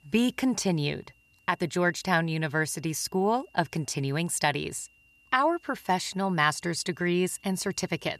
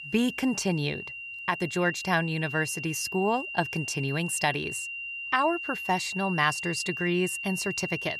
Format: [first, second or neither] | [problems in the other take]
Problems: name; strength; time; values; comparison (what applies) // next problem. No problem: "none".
first | high-pitched whine; loud; throughout; 3 kHz, 6 dB below the speech; faint in the first